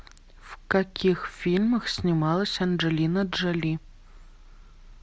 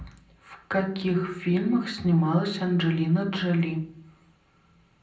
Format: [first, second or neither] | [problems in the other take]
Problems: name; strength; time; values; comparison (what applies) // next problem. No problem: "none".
first | room echo; dies away in 0.6 s